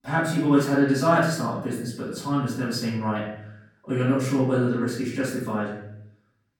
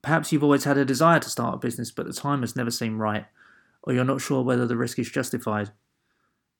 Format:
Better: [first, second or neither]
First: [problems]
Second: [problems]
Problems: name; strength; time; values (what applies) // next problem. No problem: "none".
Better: second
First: off-mic speech; far // room echo; noticeable; dies away in 0.7 s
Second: none